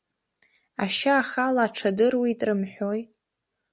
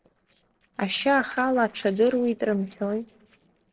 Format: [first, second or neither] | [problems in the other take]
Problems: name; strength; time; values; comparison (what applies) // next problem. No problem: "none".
first | noise reduction (neural separator model SepFormer DNS4)